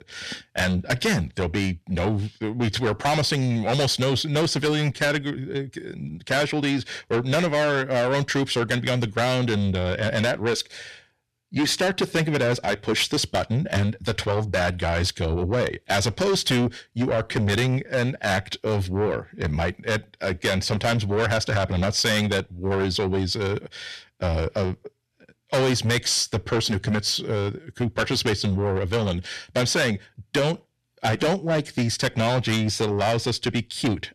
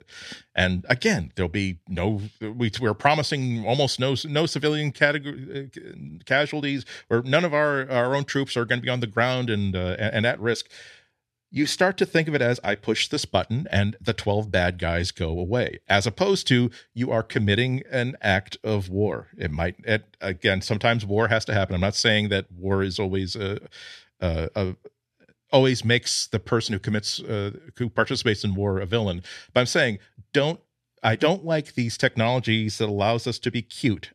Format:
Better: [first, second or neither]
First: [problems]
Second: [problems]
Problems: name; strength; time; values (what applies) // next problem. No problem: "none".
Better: second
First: distortion; heavy; 6 dB below the speech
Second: none